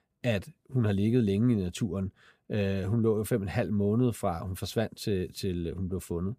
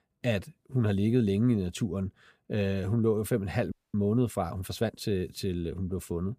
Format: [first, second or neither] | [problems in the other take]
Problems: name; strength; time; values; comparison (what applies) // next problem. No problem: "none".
first | audio freezing; at 3.5 s